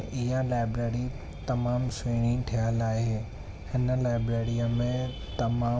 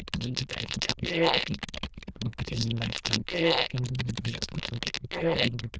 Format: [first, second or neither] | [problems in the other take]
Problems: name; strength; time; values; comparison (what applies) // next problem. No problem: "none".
first | noise reduction (neural diffusion model UNIVERSE++)